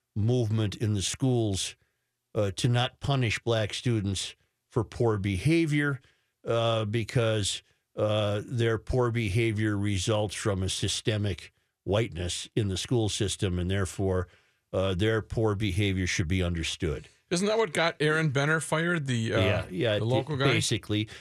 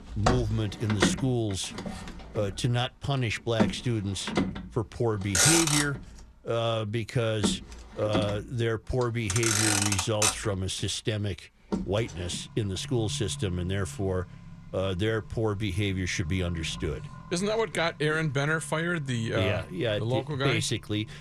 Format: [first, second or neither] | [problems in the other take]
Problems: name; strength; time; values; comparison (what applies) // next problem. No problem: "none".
first | traffic noise; very loud; throughout; as loud as the speech